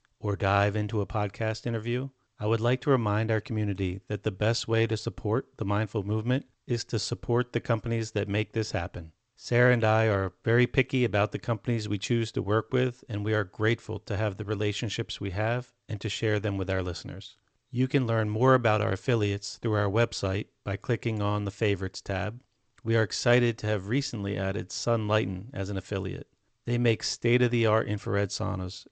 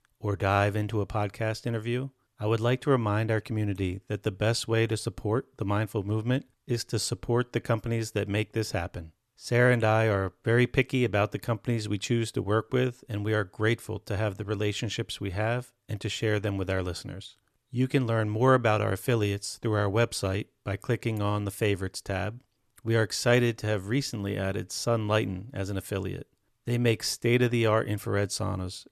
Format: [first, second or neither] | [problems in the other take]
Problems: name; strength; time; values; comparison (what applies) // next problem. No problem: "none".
second | garbled, watery; slightly; nothing above 8 kHz